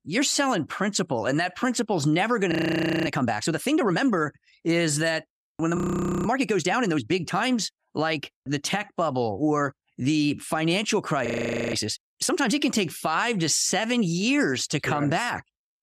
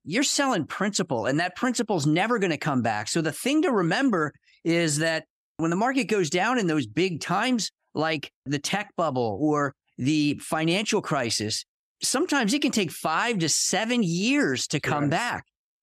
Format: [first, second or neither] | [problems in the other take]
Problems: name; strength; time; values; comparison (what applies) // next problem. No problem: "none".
second | audio freezing; at 2.5 s for 0.5 s, at 6 s and at 11 s